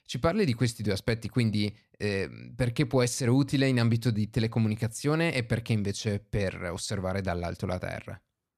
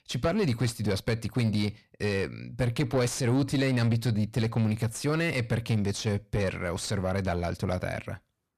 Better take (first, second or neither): first